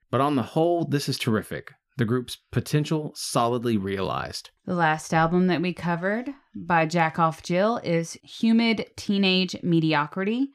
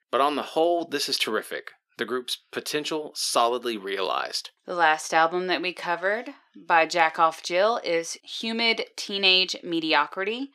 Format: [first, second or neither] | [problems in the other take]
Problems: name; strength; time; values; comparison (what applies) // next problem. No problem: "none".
first | thin; very; fading below 400 Hz